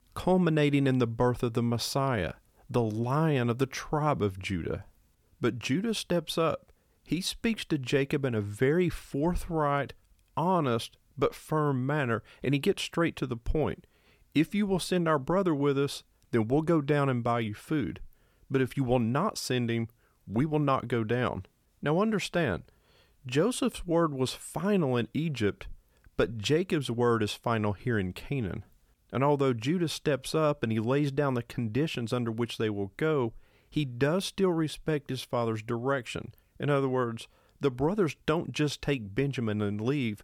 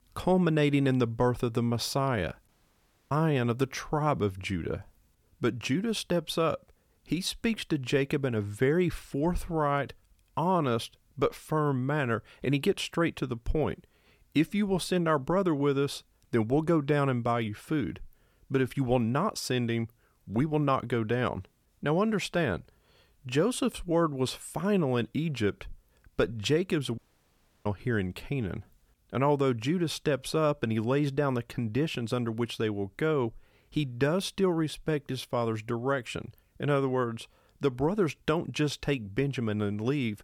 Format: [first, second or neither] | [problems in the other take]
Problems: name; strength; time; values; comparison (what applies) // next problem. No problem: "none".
first | audio cutting out; at 2.5 s for 0.5 s and at 27 s for 0.5 s